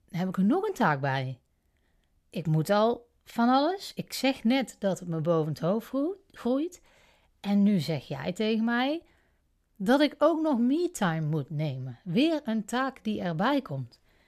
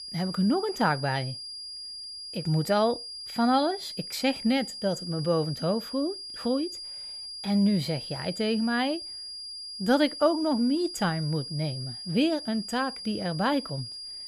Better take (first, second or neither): first